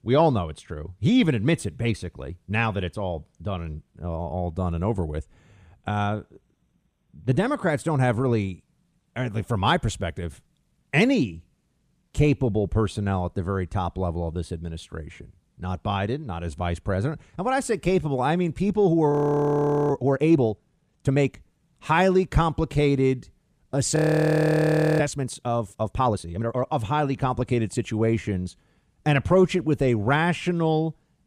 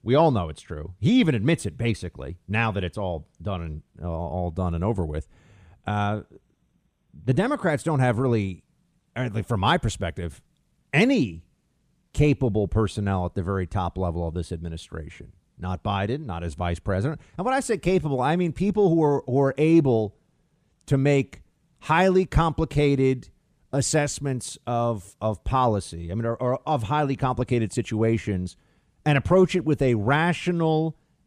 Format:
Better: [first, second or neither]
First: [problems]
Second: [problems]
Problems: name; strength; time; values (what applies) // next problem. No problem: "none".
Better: second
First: audio freezing; at 19 s for 1 s and at 24 s for 1 s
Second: none